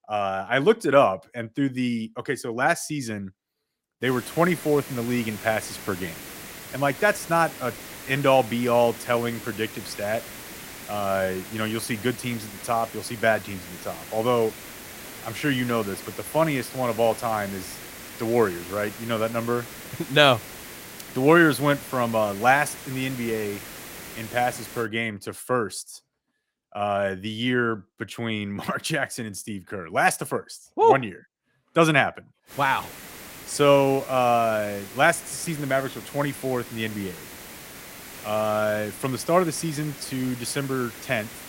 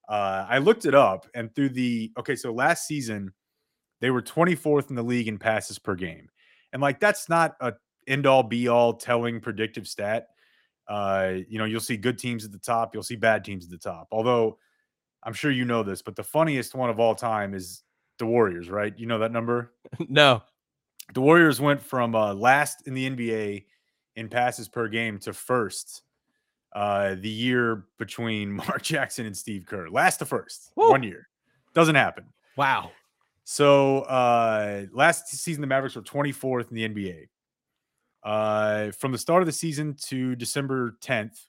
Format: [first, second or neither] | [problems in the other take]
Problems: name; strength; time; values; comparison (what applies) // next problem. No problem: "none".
second | hiss; noticeable; from 4 to 25 s and from 33 s on; 15 dB below the speech